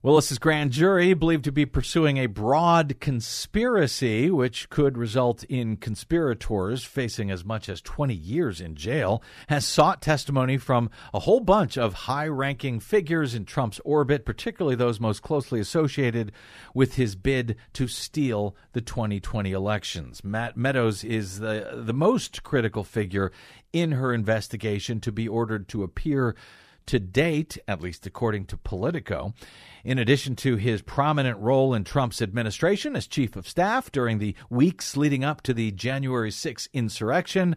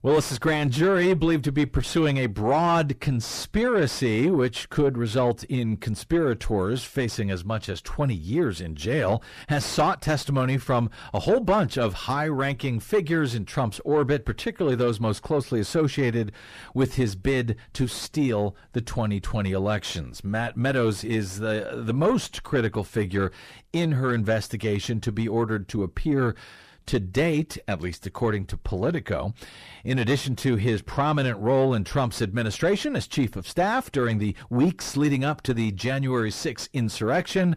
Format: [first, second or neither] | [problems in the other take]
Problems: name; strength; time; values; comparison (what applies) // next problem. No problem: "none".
first | distortion; slight; 10 dB below the speech